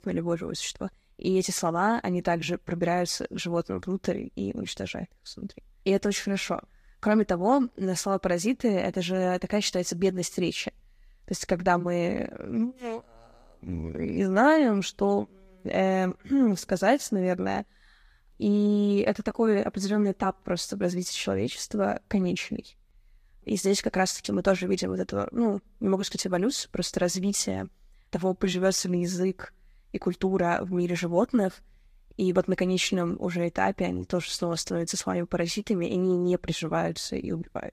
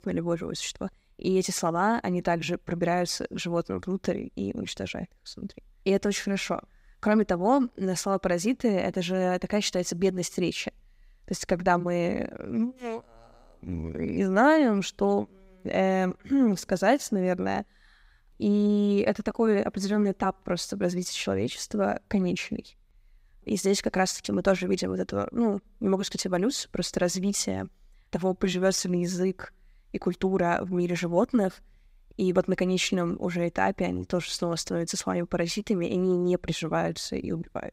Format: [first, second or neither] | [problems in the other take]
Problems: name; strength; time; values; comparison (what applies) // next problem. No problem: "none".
second | garbled, watery; slightly; nothing above 15.5 kHz